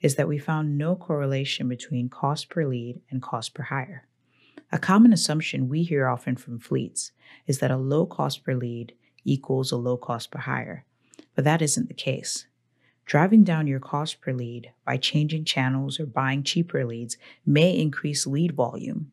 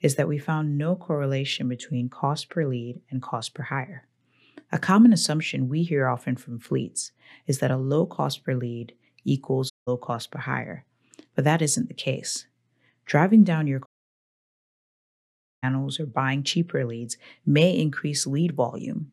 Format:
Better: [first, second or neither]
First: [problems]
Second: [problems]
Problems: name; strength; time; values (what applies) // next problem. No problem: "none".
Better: first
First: none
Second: audio cutting out; at 9.5 s and at 14 s for 2 s